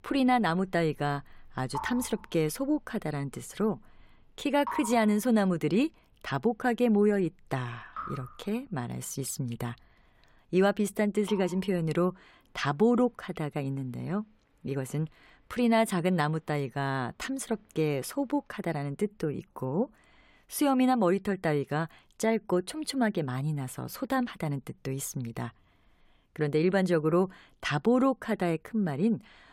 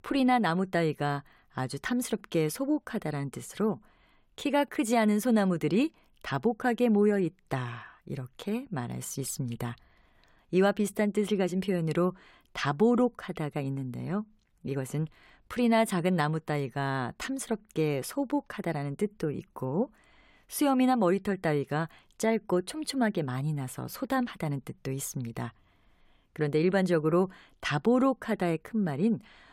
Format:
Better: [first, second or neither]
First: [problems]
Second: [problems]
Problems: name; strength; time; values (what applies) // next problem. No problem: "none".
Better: second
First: rain or running water; noticeable; throughout; 15 dB below the speech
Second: none